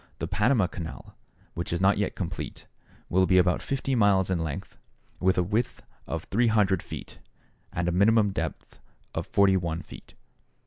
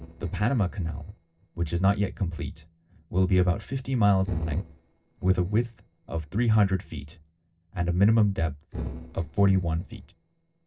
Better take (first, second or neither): first